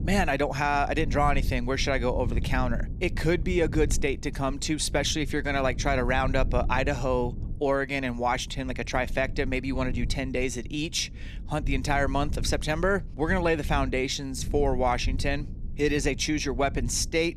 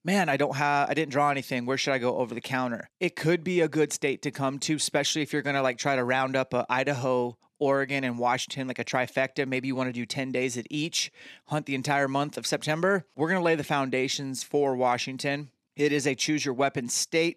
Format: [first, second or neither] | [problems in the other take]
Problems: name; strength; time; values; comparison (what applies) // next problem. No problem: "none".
second | low rumble; faint; throughout; 20 dB below the speech